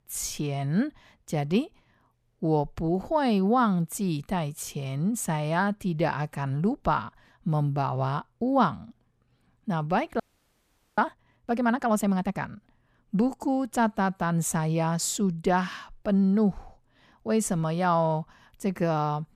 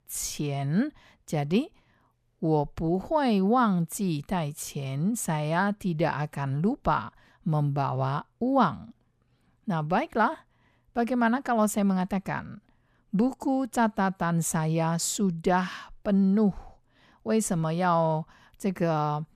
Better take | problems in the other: second | audio freezing; at 10 s for 1 s

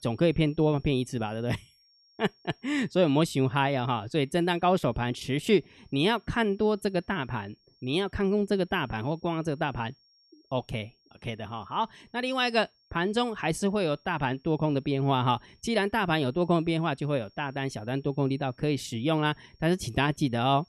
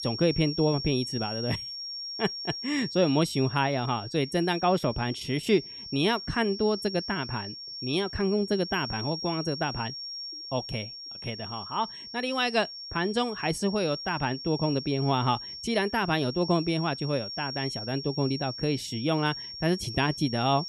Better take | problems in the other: first | high-pitched whine; loud; throughout; 5.5 kHz, 8 dB below the speech; faint in the first

